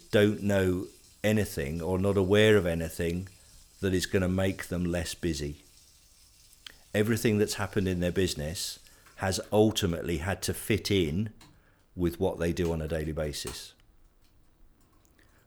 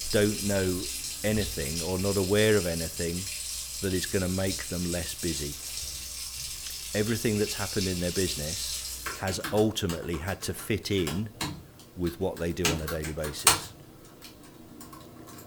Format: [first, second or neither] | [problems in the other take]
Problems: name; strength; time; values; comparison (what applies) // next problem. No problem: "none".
first | household noises; loud; throughout; 2 dB below the speech; faint in the first